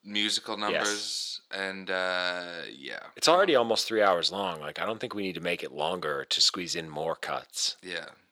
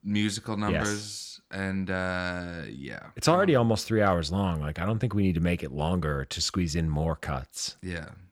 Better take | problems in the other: second | thin; very; fading below 450 Hz

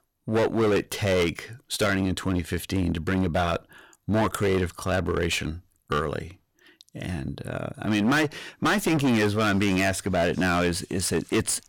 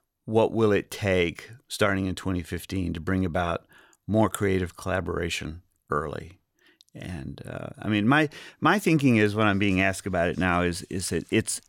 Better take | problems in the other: second | distortion; heavy; 14% of the sound clipped

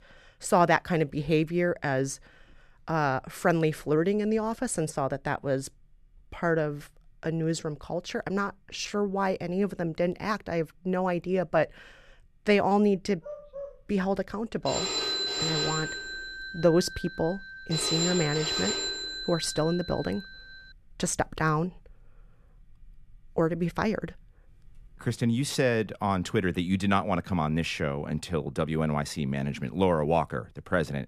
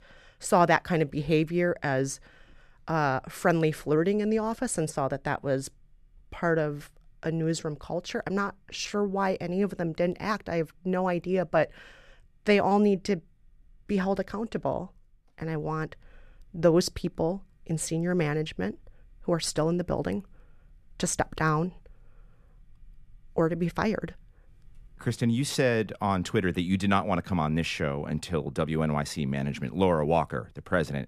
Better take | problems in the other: second | dog barking; faint; at 13 s; peak 10 dB below the speech // phone ringing; loud; from 15 to 20 s; peak 2 dB above the speech

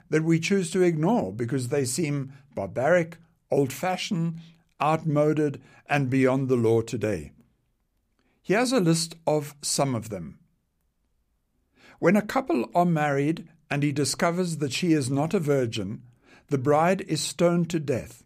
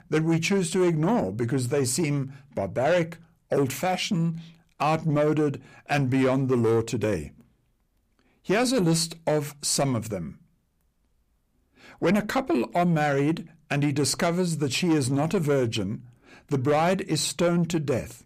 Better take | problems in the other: first | distortion; slight; 10 dB below the speech

